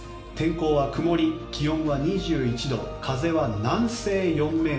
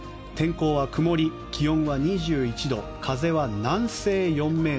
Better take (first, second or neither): second